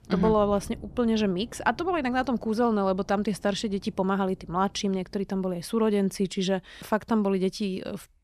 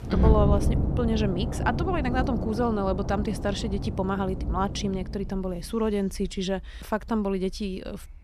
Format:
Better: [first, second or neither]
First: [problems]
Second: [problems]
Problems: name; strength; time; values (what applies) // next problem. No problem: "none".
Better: first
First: rain or running water; faint; throughout; 20 dB below the speech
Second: rain or running water; loud; throughout; 1 dB below the speech